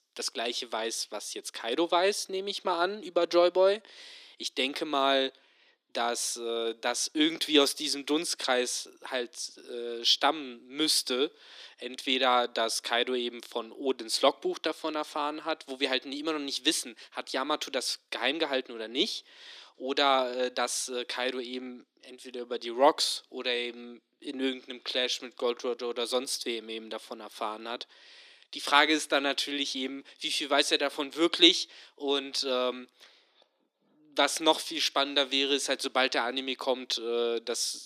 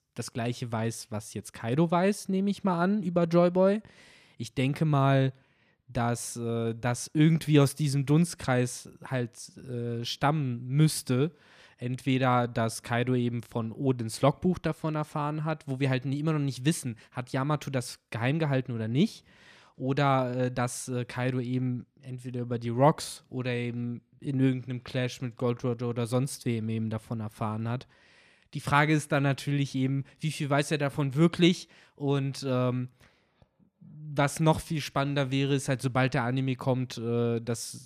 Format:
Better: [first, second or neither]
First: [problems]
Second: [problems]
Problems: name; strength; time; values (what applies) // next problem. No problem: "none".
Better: second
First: thin; somewhat; fading below 300 Hz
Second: none